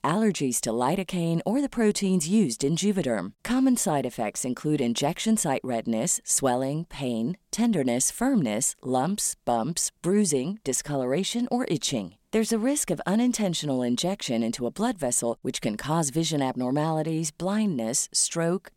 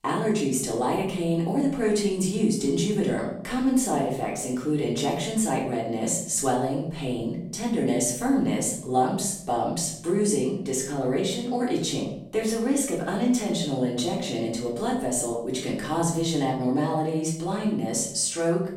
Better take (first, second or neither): first